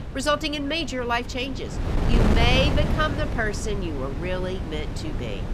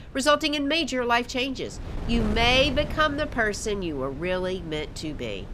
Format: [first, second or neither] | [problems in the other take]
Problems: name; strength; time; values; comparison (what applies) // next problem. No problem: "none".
second | wind noise on the microphone; heavy; 8 dB below the speech; occasional gusts in the second